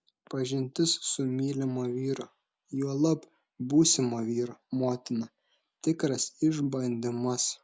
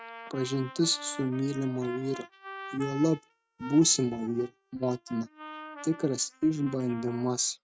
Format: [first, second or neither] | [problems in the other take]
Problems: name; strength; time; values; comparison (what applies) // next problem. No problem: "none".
first | noise reduction (neural mask model RNNoise)